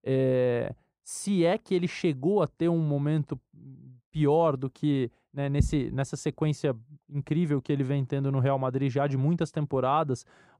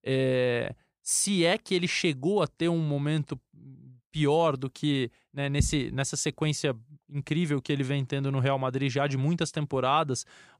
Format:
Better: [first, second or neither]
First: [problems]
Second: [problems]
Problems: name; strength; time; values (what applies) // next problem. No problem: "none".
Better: second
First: muffled; slightly; fading above 1.5 kHz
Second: none